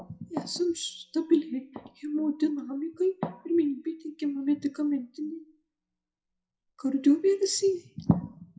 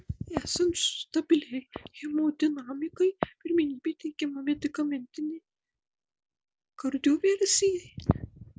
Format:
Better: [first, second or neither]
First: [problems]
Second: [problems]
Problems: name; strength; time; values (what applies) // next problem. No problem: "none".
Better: second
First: noise reduction (classical method WPE with log-MMSE)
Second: none